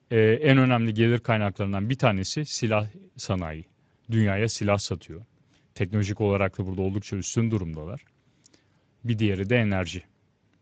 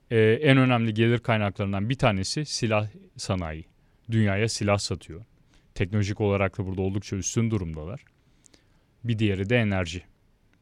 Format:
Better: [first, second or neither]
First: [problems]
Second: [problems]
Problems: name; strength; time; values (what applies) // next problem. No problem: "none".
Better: second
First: garbled, watery; slightly; nothing above 7.5 kHz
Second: none